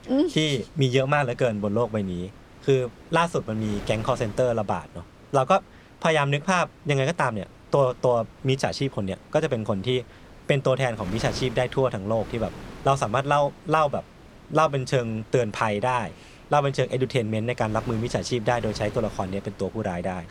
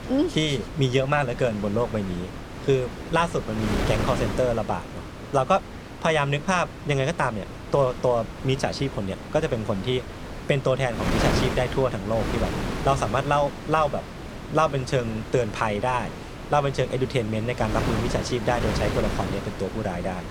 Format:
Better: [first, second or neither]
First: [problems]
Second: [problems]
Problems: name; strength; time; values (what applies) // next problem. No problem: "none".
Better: first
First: wind noise on the microphone; occasional gusts; 20 dB below the speech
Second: wind noise on the microphone; heavy; 9 dB below the speech